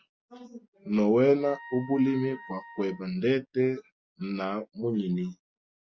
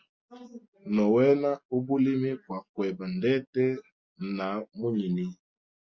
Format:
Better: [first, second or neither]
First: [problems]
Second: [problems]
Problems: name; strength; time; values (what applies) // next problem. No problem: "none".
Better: second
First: background sound (Wind instrument, woodwind instrument); 20 dB below the speech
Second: none